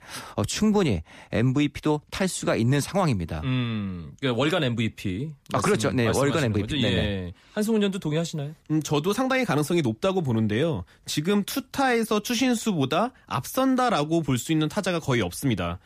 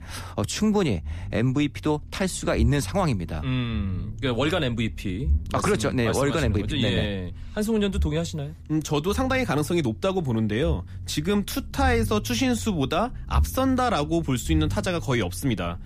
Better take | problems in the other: first | low rumble; faint; throughout; 25 dB below the speech

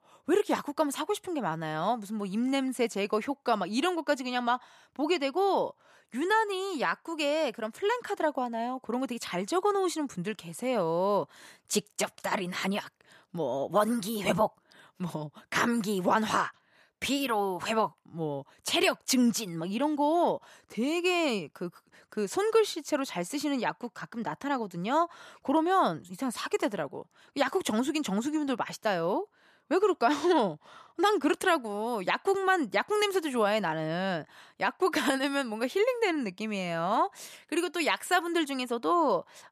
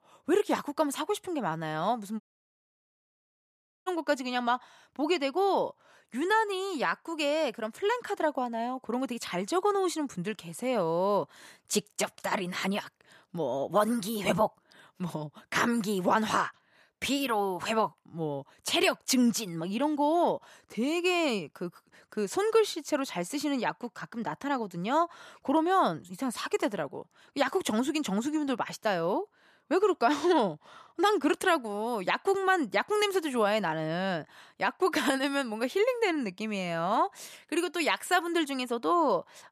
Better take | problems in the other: first | audio cutting out; at 2 s for 1.5 s

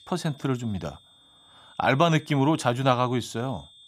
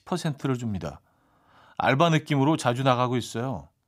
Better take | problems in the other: second | high-pitched whine; faint; throughout; 3.5 kHz, 25 dB below the speech

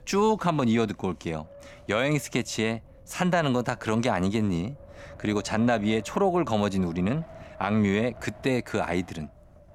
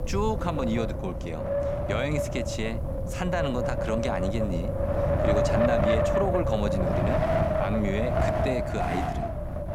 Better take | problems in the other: first | wind noise on the microphone; heavy; 5 dB above the speech; occasional gusts in the first

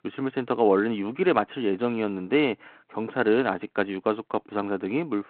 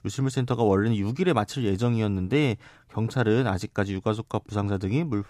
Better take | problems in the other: second | phone-call audio; nothing above 4 kHz

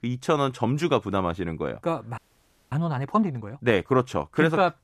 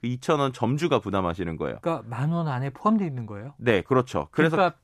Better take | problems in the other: second | audio freezing; at 2 s for 0.5 s

